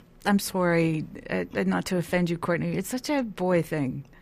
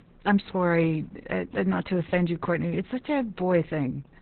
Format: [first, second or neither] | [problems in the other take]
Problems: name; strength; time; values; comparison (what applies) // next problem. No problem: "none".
first | garbled, watery; badly; nothing above 4 kHz